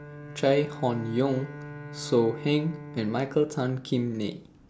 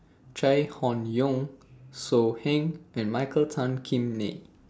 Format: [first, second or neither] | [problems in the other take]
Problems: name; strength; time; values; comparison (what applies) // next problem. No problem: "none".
second | background sound (Bowed string instrument); 14 dB below the speech